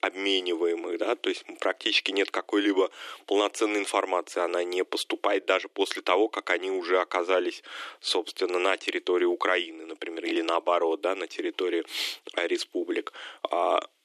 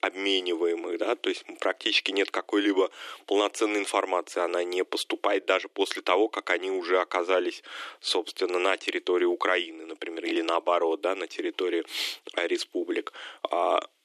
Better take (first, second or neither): neither